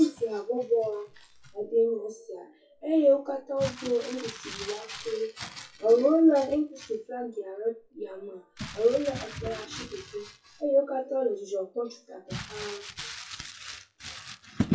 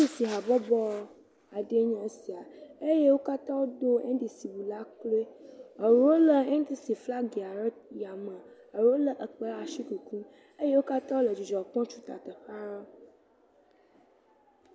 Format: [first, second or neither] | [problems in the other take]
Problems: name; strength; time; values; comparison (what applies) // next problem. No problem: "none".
second | noise reduction (classical method WPE with log-MMSE)